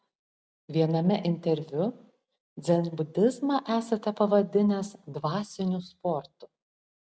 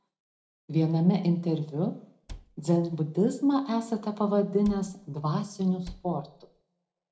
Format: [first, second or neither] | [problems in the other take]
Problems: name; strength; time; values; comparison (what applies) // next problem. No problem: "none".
first | background sound (Cupboard open or close); 19 dB below the speech // room echo; dies away in 0.4 s